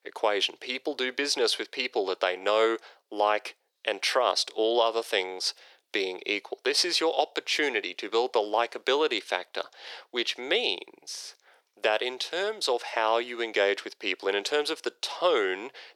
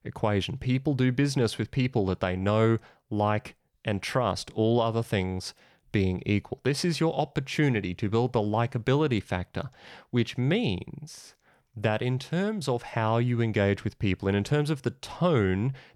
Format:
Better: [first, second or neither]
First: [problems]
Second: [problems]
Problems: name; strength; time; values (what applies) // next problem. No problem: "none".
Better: second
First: thin; very; fading below 400 Hz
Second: none